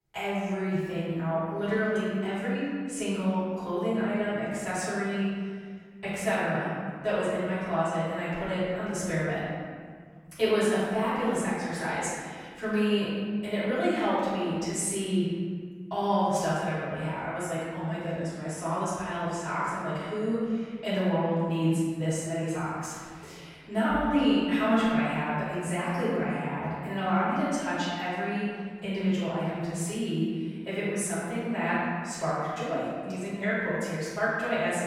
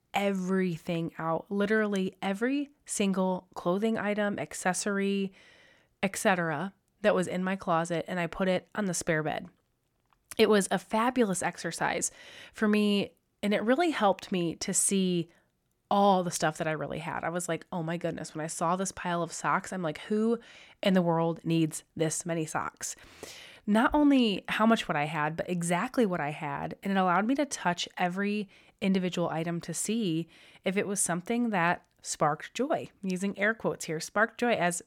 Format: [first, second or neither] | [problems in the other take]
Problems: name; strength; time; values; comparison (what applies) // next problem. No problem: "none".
second | off-mic speech; far // room echo; strong; dies away in 1.9 s